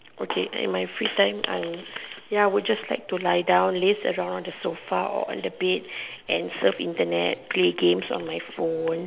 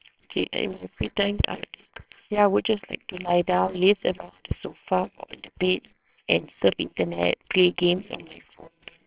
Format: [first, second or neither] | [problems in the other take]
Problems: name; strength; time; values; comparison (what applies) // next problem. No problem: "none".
first | noise reduction (neural separator model SepFormer WHAMR!)